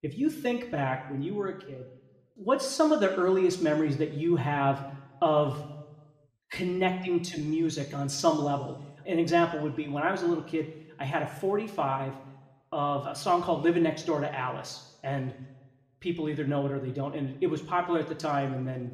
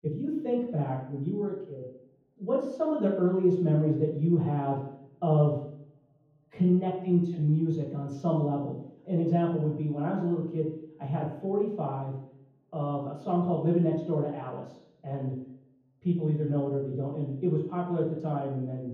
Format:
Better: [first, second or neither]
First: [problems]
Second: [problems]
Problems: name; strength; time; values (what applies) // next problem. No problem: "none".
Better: first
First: room echo; slight; dies away in 0.9 s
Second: room echo; strong; dies away in 0.9 s // off-mic speech; far